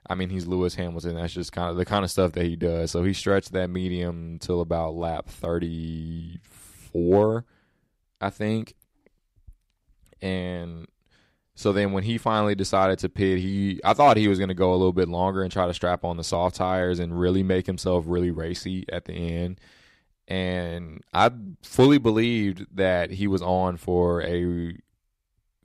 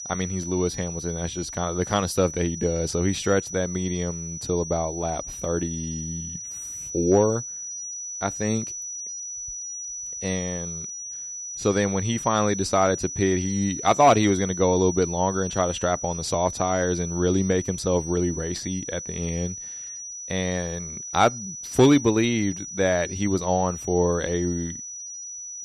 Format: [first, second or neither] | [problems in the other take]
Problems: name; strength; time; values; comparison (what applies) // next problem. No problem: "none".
first | high-pitched whine; loud; throughout; 6 kHz, 8 dB below the speech